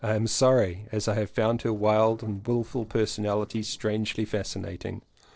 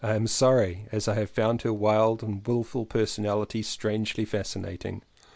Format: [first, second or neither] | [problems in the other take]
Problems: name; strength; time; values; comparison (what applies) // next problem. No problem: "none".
second | noise reduction (neural separator model SepFormer DNS4)